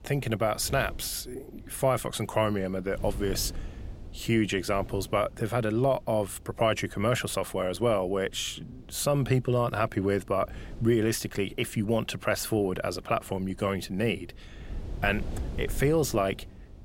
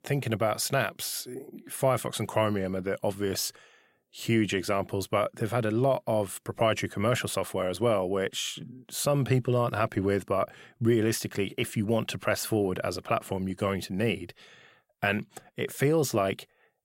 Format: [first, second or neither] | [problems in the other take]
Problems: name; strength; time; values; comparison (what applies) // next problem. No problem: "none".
second | wind noise on the microphone; occasional gusts; 25 dB below the speech